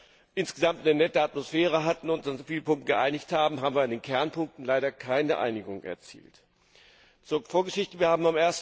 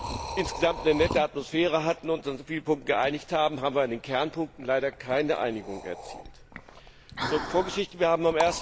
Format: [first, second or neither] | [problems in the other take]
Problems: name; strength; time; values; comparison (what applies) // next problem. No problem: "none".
first | background sound (Liquid); 11 dB below the speech